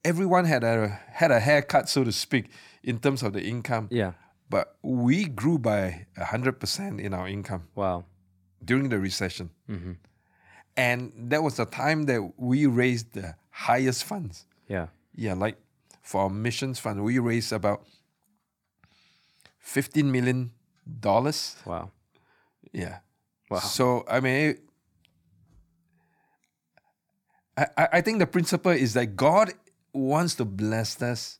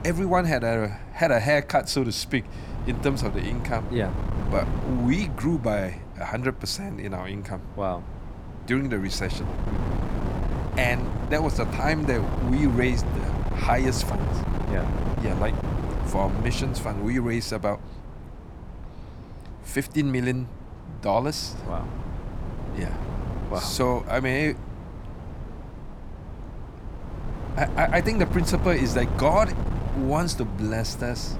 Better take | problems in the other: first | wind noise on the microphone; occasional gusts; 10 dB below the speech

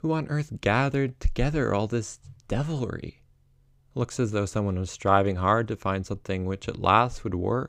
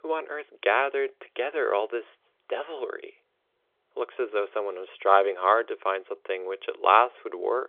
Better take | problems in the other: first | phone-call audio; nothing above 3.5 kHz

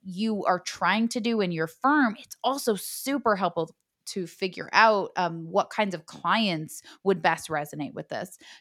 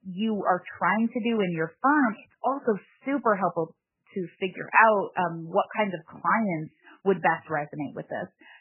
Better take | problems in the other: first | garbled, watery; badly; nothing above 3 kHz

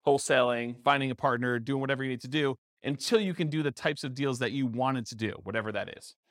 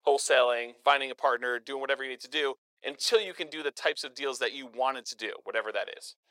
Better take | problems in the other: first | thin; very; fading below 450 Hz

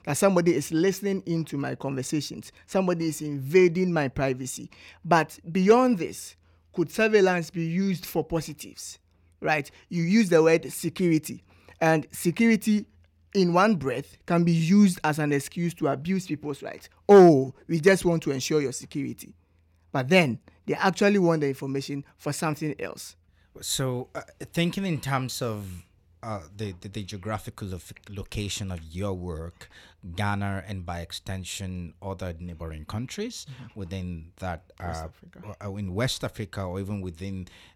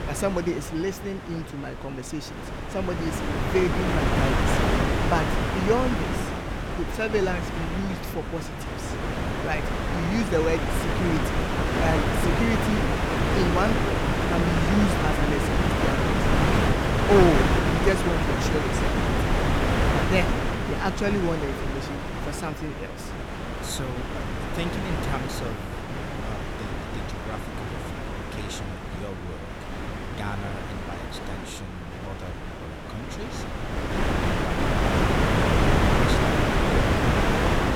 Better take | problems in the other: first | wind noise on the microphone; heavy; 4 dB above the speech

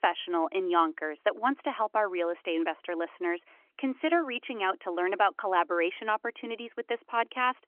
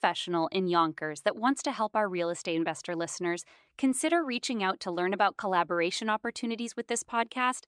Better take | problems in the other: second | phone-call audio; nothing above 3.5 kHz

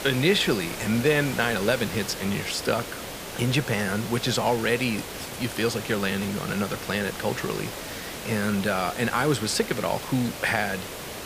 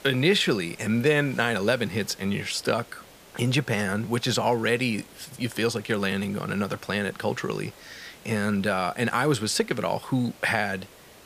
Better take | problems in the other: second | hiss; loud; throughout; 9 dB below the speech; faint in the second

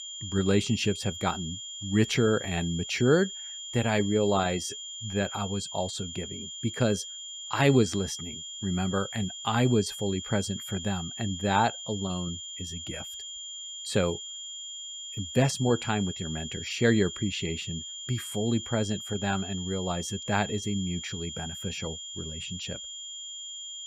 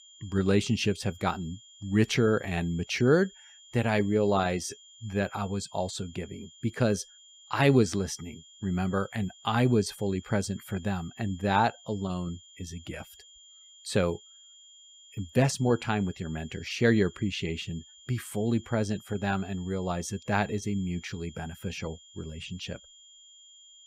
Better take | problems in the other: second | high-pitched whine; loud; throughout; 3 kHz, 8 dB below the speech; faint in the second

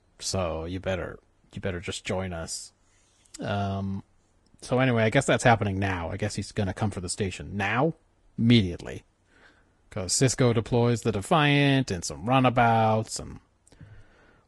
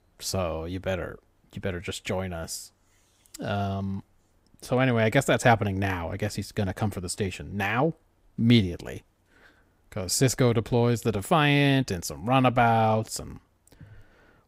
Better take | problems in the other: second | garbled, watery; slightly; nothing above 10.5 kHz

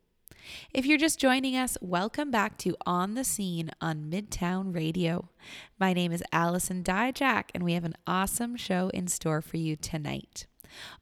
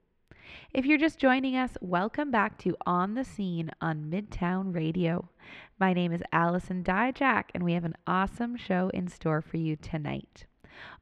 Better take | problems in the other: first | muffled; very; fading above 2 kHz

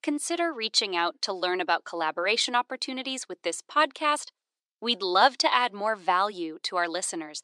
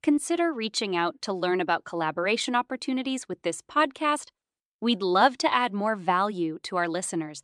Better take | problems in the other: second | thin; somewhat; fading below 400 Hz

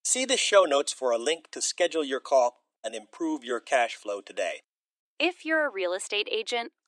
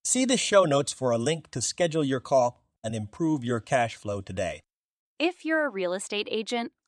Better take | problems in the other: second | thin; somewhat; fading below 300 Hz

